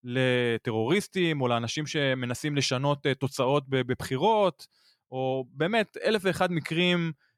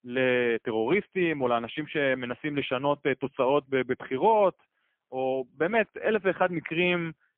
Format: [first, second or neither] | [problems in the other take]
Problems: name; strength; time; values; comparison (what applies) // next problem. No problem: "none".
first | phone-call audio; poor line; nothing above 3.5 kHz